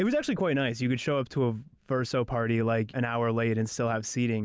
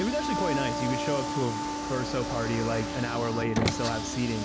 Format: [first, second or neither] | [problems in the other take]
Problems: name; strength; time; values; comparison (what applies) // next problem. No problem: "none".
first | background sound (Wind instrument, woodwind instrument + Car); 1 dB below the speech